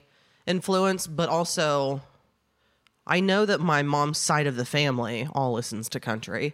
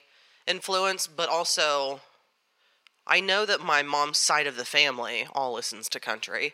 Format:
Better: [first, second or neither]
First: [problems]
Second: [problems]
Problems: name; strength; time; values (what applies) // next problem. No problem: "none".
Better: first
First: none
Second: thin; very; fading below 550 Hz